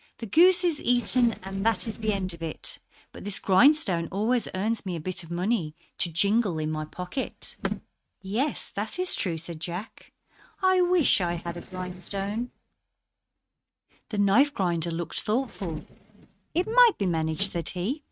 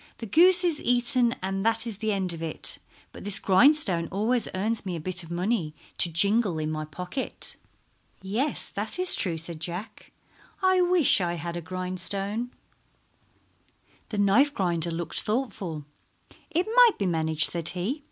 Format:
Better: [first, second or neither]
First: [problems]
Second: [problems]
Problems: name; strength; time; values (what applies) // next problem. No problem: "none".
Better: second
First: noise reduction (neural mask model RNNoise)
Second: none